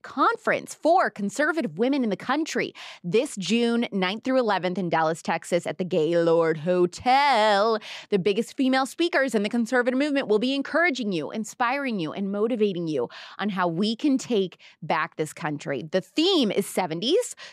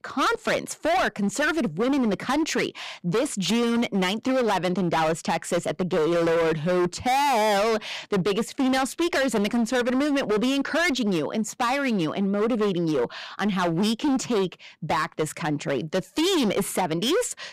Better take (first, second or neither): first